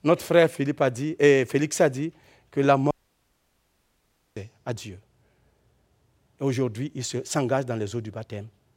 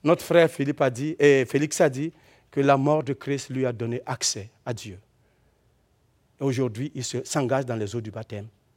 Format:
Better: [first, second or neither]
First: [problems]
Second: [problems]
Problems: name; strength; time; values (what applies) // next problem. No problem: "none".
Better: second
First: audio cutting out; at 3 s for 1.5 s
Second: none